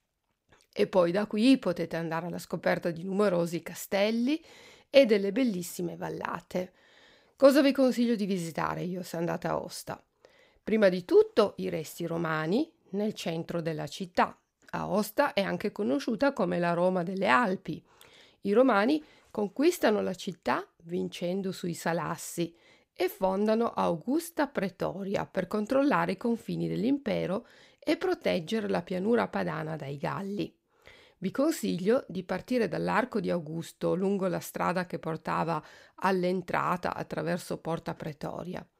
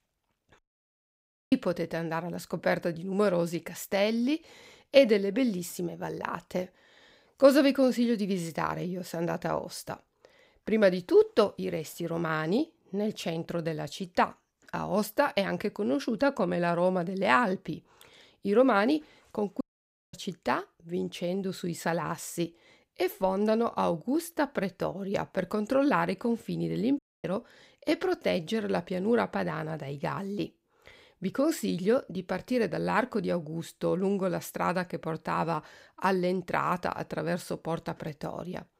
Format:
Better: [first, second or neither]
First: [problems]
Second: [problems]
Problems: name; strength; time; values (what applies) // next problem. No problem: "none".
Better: first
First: none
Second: audio cutting out; at 0.5 s for 1 s, at 20 s for 0.5 s and at 27 s